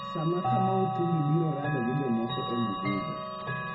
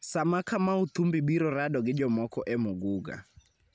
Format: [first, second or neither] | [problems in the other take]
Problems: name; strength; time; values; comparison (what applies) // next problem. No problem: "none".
second | background sound (Chime / Clock); 2 dB below the speech // room echo; dies away in 0.4 s